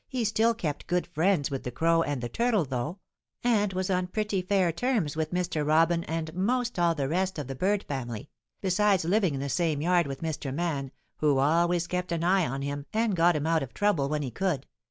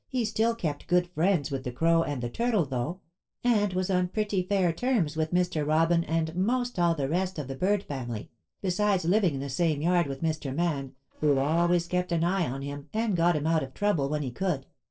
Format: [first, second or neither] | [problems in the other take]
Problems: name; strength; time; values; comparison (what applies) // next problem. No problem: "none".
first | noise reduction (neural separator model SepFormer DNS4)